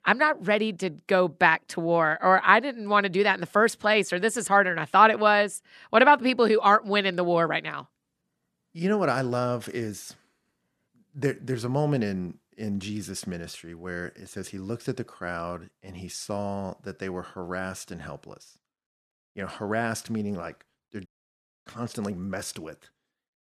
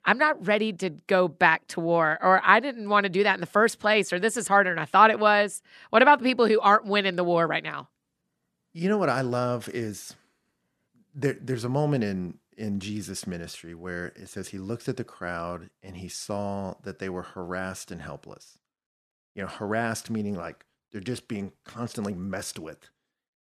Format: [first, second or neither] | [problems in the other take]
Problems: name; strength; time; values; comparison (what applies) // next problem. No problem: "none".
second | audio cutting out; at 21 s for 0.5 s